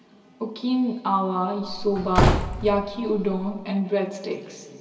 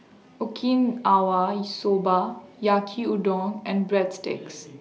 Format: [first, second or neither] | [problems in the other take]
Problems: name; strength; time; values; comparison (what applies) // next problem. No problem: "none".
second | background sound (Slam / Wood); as loud as the speech // room echo; dies away in 2.5 s